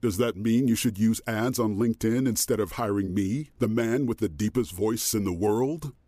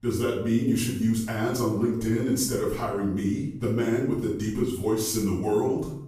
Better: first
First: none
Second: off-mic speech; far // room echo; noticeable; dies away in 0.6 s

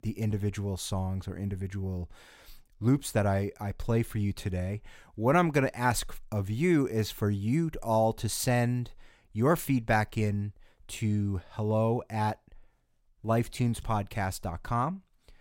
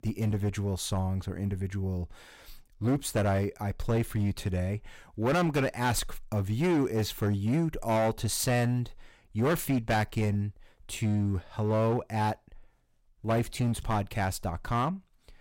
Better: first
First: none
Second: distortion; slight; 8% of the sound clipped

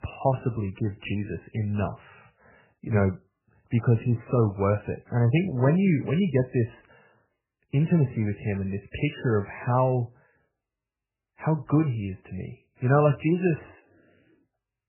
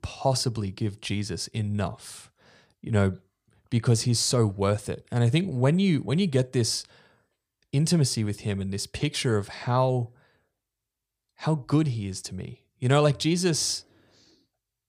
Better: second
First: garbled, watery; badly; nothing above 3 kHz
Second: none

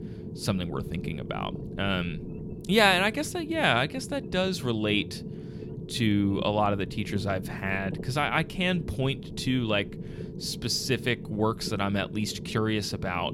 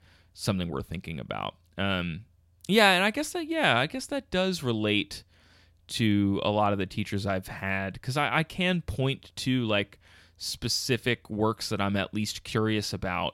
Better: second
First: low rumble; noticeable; throughout; 15 dB below the speech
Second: none

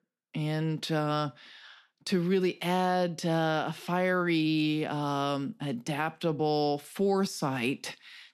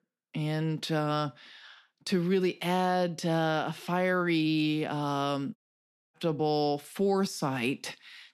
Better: first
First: none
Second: audio cutting out; at 5.5 s for 0.5 s

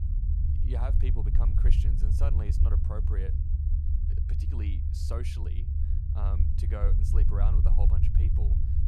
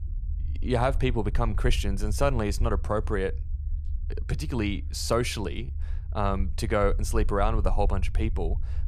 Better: second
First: low rumble; loud; throughout; 1 dB below the speech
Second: low rumble; faint; throughout; 20 dB below the speech

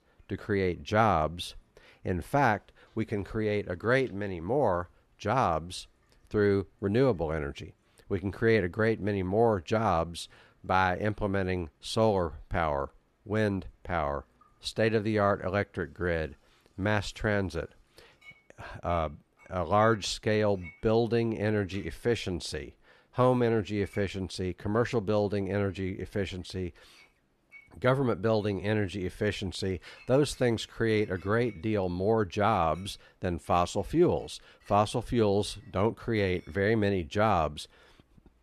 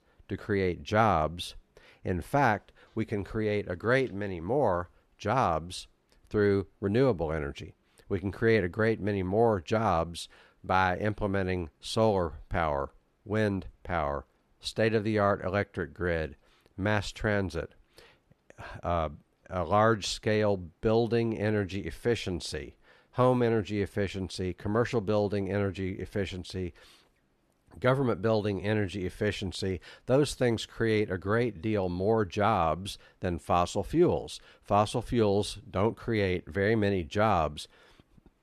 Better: second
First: household noises; faint; throughout; 30 dB below the speech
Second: none

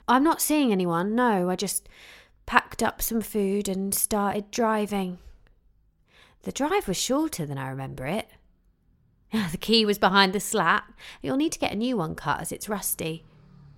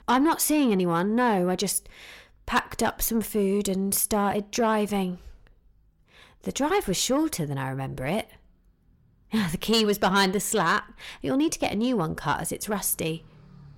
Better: first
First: none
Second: distortion; slight; 10 dB below the speech

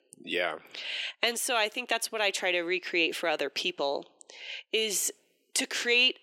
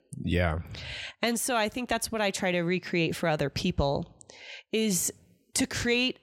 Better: second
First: thin; somewhat; fading below 350 Hz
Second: none

